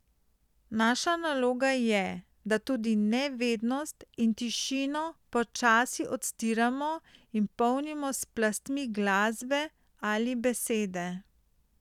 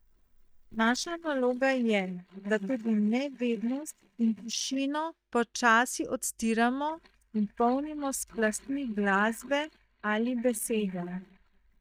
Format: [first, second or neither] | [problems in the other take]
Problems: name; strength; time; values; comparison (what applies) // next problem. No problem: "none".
first | noise reduction (neural mask model DeepFilterNet 3)